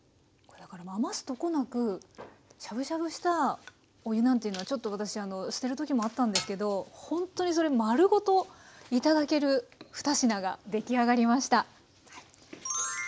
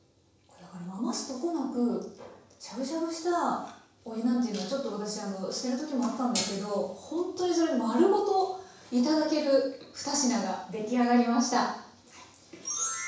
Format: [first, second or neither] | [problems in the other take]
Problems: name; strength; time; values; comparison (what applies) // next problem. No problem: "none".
first | room echo; dies away in 0.7 s